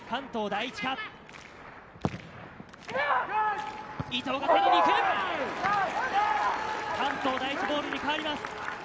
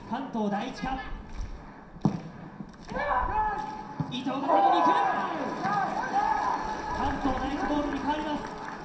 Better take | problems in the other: first | background sound (Wind); 14 dB below the speech // room echo; dies away in 0.7 s

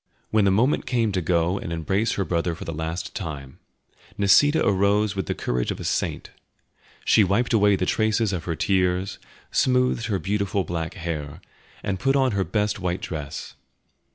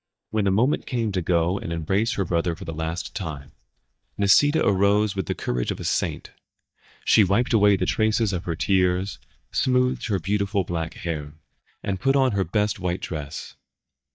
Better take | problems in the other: first | noise reduction (neural mask model DeepFilterNet 3)

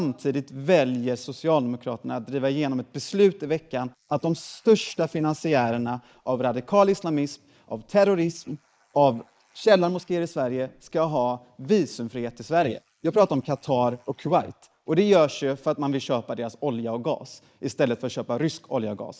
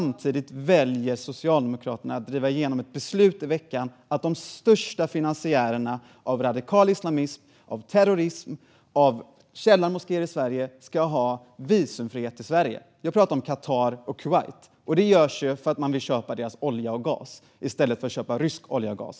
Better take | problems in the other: second | noise reduction (neural mask model Resemble Enhance denoiser)

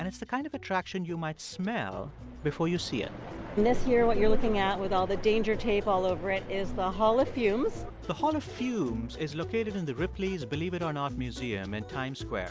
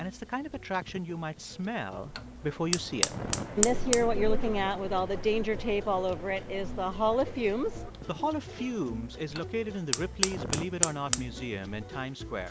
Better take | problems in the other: first | background sound (Fire); 7 dB below the speech

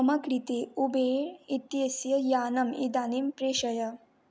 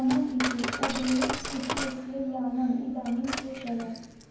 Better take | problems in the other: first | background sound (Coin (dropping)); 6 dB below the speech // room echo; dies away in 0.9 s

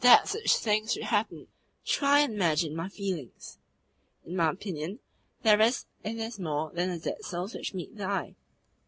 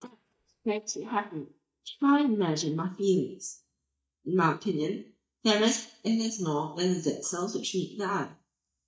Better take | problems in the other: first | noise reduction (neural mask model DeepFilterNet 3)

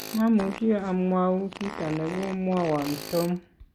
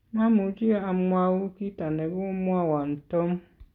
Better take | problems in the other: second | background sound (Fart + Tools); 14 dB below the speech

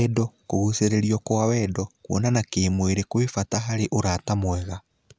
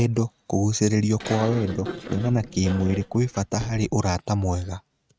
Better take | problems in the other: first | noise reduction (neural mask model RNNoise)

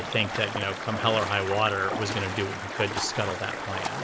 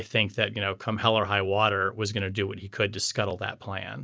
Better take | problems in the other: second | background sound (Stream); 4 dB below the speech

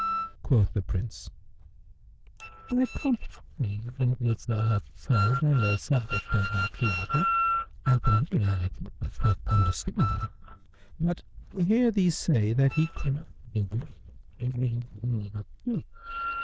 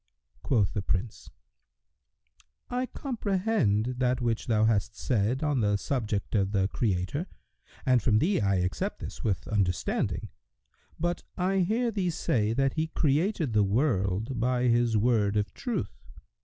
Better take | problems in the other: second | noise reduction (neural diffusion model UNIVERSE++)

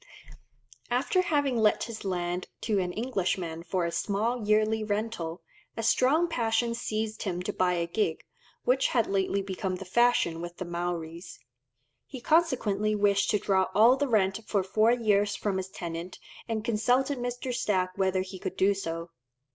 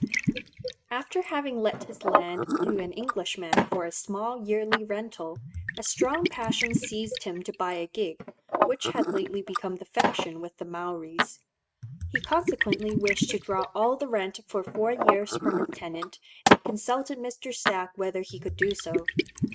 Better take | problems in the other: first | noise reduction (neural mask model RNNoise)

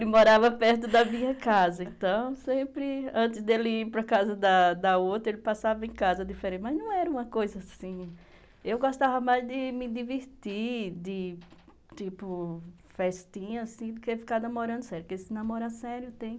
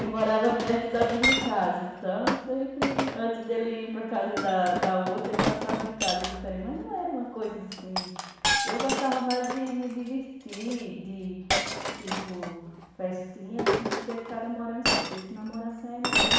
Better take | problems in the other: first | background sound (Chink, clink); 1 dB below the speech // room echo; dies away in 1.1 s

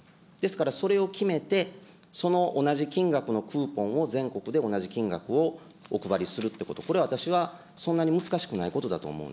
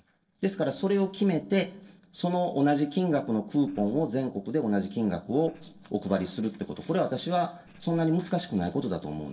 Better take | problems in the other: first | noise reduction (neural separator model SepFormer DNS4)

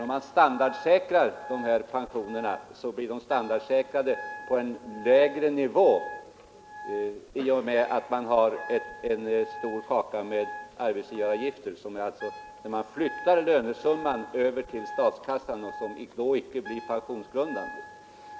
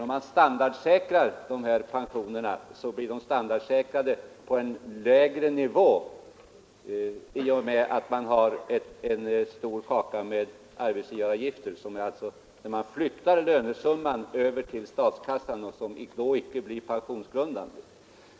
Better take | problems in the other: second | background sound (Wind instrument, woodwind instrument); 15 dB below the speech

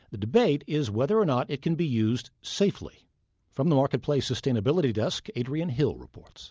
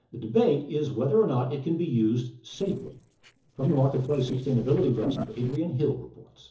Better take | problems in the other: first | noise reduction (neural separator model SepFormer DNS4)

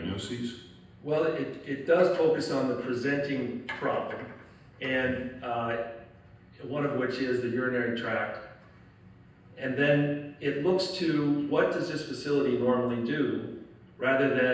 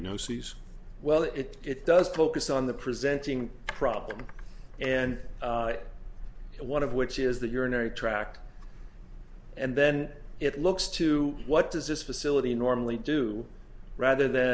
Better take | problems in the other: second | room echo; dies away in 0.9 s

